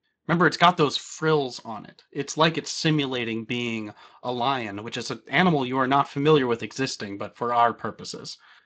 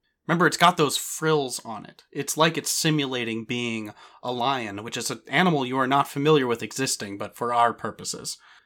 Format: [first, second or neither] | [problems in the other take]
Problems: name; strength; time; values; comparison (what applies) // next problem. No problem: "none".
second | garbled, watery; slightly; nothing above 7.5 kHz